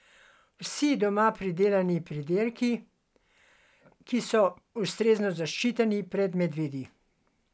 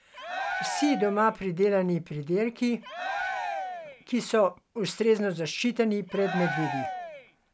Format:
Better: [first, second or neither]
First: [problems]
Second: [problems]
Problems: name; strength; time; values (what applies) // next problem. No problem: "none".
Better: first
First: none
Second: background sound (Cheering); 6 dB below the speech